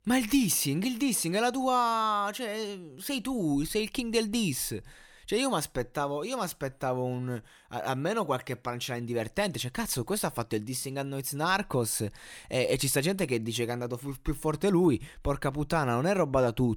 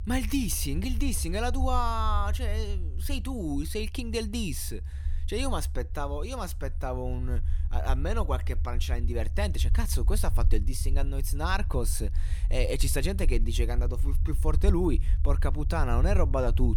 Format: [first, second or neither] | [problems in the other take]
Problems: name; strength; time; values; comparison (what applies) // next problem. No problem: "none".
first | low rumble; noticeable; throughout; 15 dB below the speech